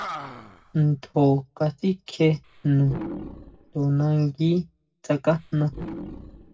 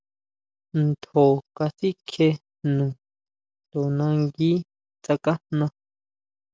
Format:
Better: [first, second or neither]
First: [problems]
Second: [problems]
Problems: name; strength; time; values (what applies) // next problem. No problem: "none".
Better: second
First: background sound (Animal); 15 dB below the speech // room echo; dies away in 0.4 s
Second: none